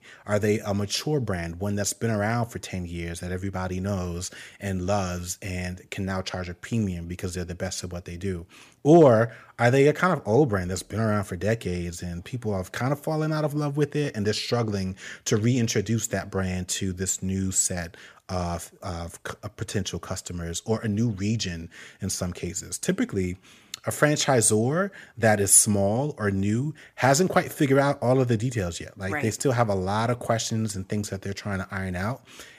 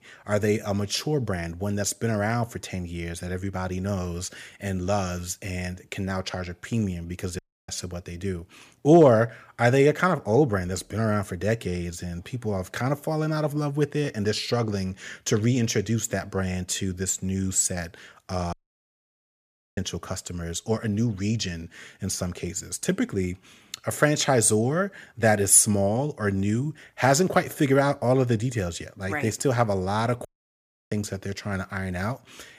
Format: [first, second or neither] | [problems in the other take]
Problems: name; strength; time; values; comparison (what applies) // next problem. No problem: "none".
first | audio cutting out; at 7.5 s, at 19 s for 1 s and at 30 s for 0.5 s